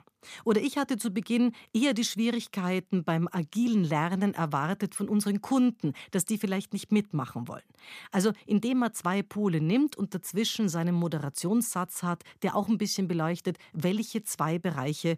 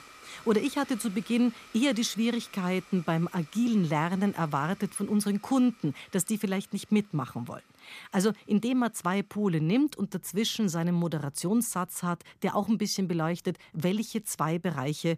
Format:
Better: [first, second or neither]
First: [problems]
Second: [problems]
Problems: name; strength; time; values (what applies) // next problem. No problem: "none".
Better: first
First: none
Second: household noises; faint; throughout; 25 dB below the speech